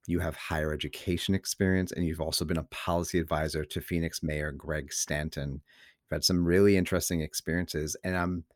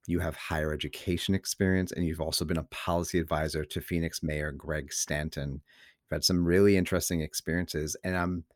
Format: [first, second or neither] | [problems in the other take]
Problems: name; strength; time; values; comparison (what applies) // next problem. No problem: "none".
neither | none